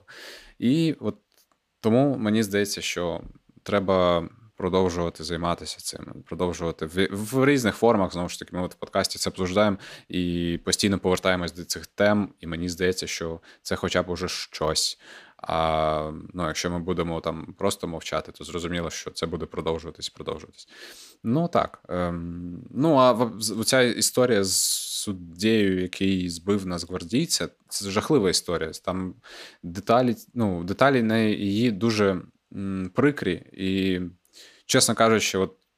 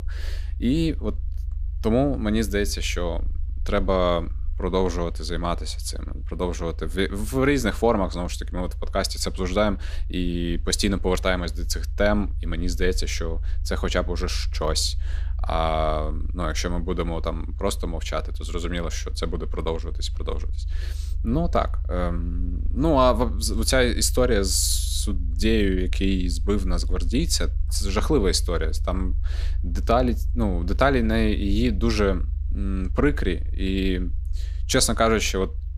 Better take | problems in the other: first | low rumble; faint; throughout; 25 dB below the speech

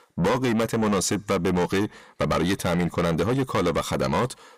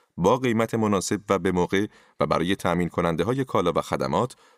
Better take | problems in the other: second | distortion; heavy; 6 dB below the speech

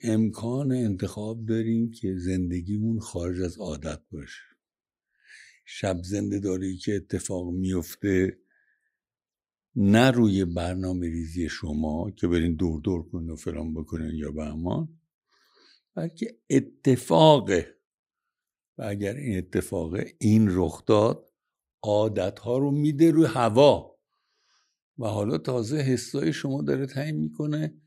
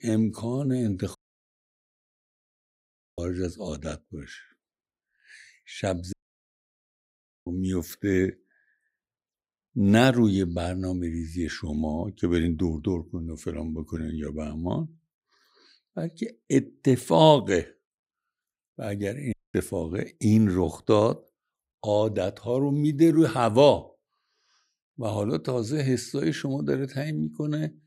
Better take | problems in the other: first | audio cutting out; at 1 s for 2 s, at 6 s for 1.5 s and at 19 s

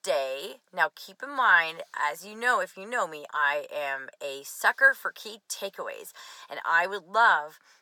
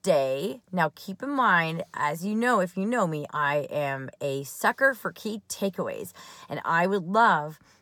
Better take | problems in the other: second | thin; very; fading below 600 Hz

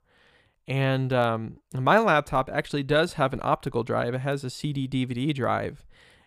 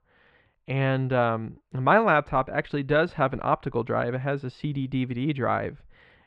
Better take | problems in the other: first | muffled; slightly; fading above 2 kHz

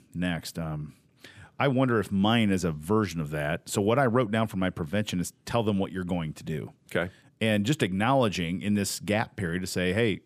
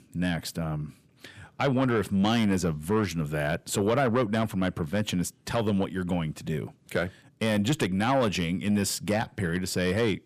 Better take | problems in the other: first | distortion; slight; 10 dB below the speech

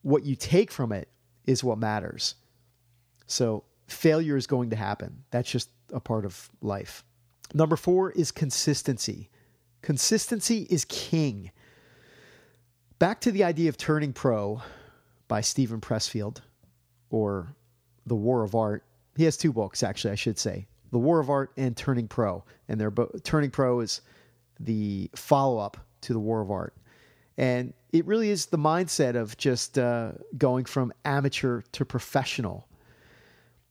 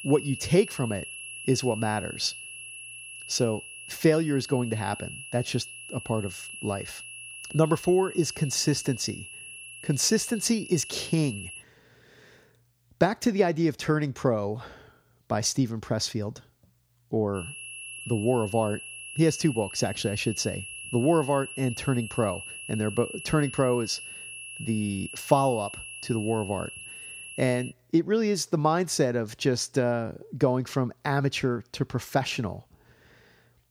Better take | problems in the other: first | high-pitched whine; noticeable; until 12 s and from 17 to 28 s; 2.5 kHz, 10 dB below the speech

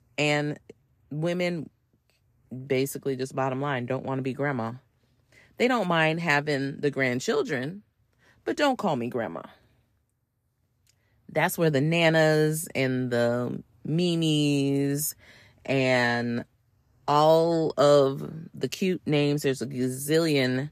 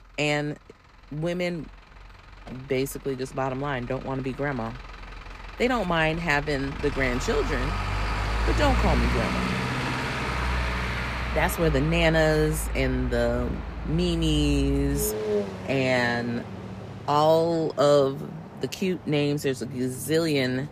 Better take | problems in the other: first | traffic noise; loud; throughout; 5 dB below the speech

